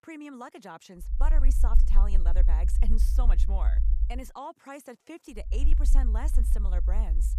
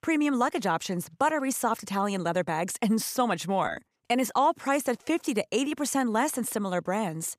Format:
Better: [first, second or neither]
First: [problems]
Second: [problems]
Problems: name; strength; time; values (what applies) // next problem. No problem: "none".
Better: second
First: low rumble; loud; from 1 to 4 s and from 5.5 s on; 8 dB below the speech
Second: none